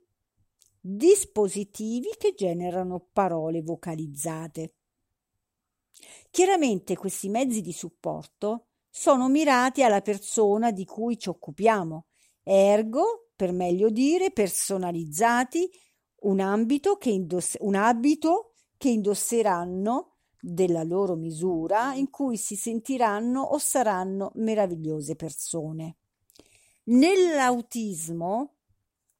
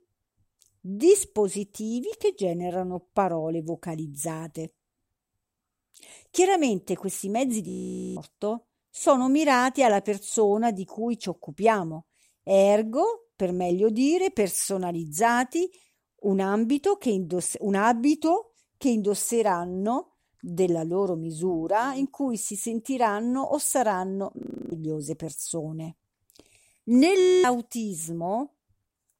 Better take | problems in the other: first | audio freezing; at 7.5 s, at 24 s and at 27 s

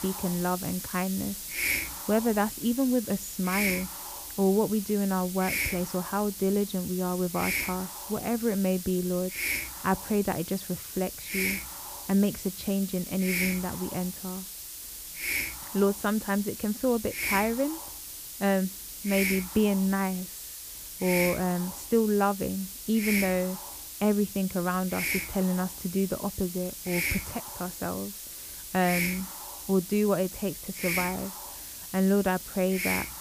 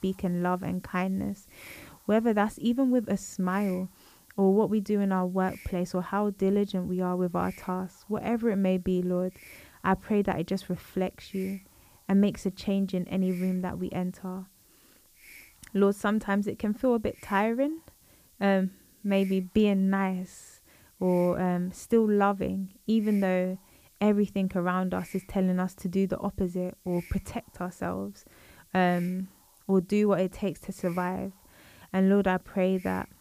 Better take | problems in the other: second | hiss; loud; throughout; 4 dB below the speech; faint in the second

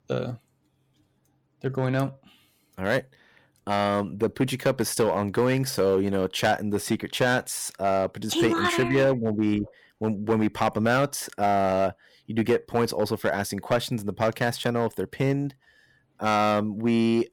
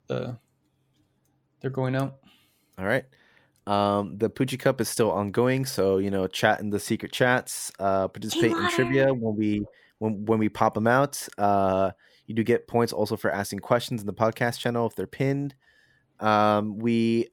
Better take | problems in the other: second | distortion; slight; 4% of the sound clipped

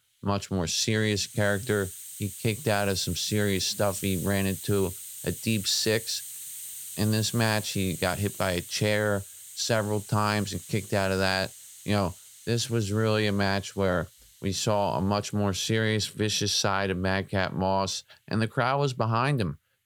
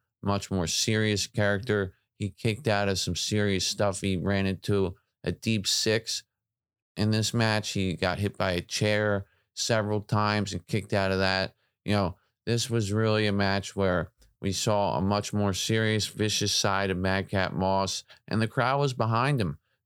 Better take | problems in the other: second | hiss; noticeable; throughout; 10 dB below the speech

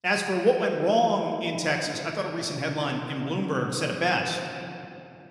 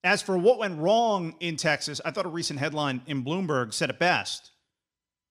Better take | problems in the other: second | room echo; slight; dies away in 2.3 s

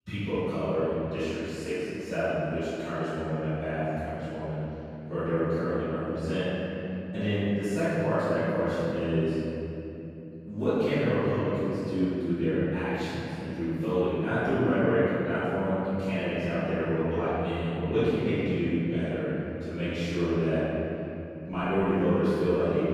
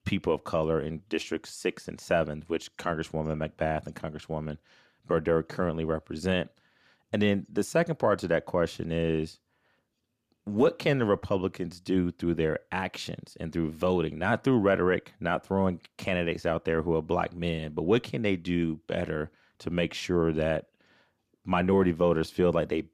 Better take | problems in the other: second | off-mic speech; far // room echo; strong; dies away in 3 s

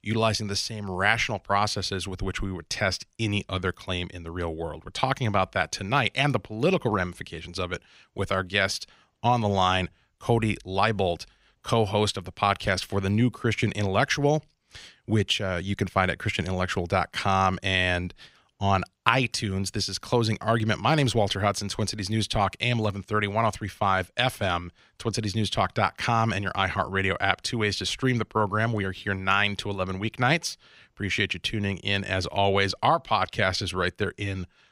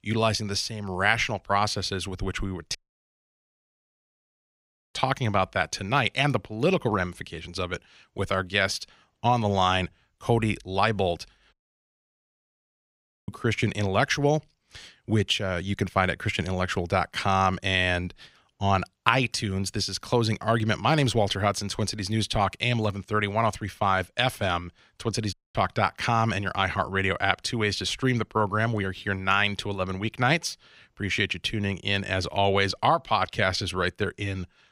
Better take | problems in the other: first | audio cutting out; at 3 s for 2 s, at 12 s for 2 s and at 25 s

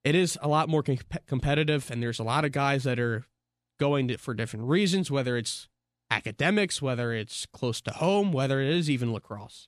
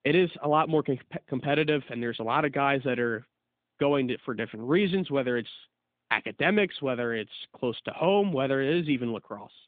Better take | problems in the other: first | phone-call audio; nothing above 3.5 kHz

